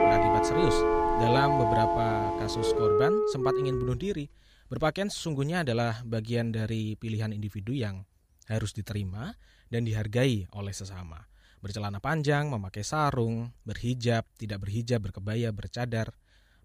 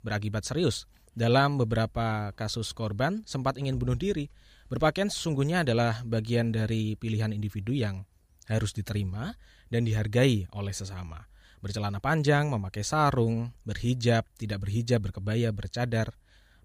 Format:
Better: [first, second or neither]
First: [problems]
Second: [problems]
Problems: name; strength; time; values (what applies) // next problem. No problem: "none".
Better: second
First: background music; very loud; until 3.5 s; 5 dB above the speech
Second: none